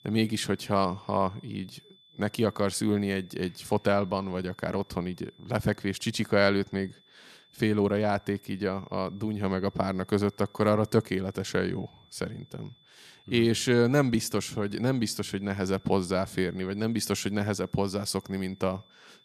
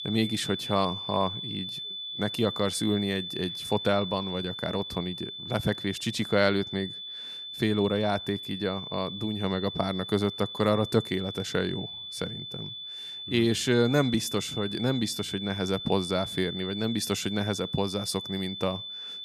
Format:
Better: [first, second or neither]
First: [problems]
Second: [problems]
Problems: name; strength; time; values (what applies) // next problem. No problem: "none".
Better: first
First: high-pitched whine; faint; throughout; 3.5 kHz, 30 dB below the speech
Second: high-pitched whine; loud; throughout; 3.5 kHz, 7 dB below the speech